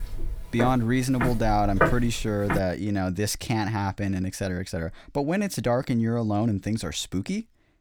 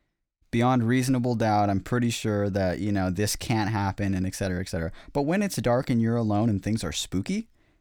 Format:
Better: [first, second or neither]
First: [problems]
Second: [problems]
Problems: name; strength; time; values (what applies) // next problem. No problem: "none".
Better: second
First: footsteps; loud; until 2.5 s; peak 2 dB above the speech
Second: none